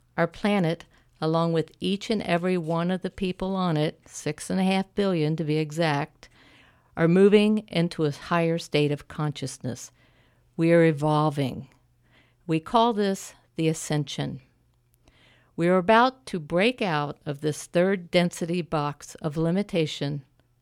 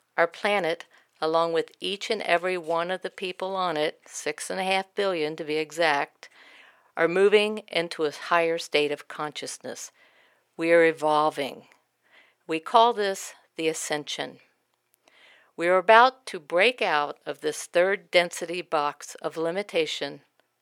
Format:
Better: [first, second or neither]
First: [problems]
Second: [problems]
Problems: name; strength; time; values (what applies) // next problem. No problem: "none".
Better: first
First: none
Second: thin; very; fading below 550 Hz